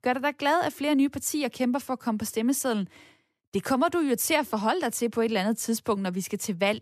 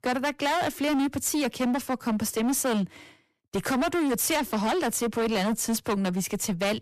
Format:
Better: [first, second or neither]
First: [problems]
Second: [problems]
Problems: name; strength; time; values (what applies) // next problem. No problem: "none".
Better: first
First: none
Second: distortion; heavy; 24% of the sound clipped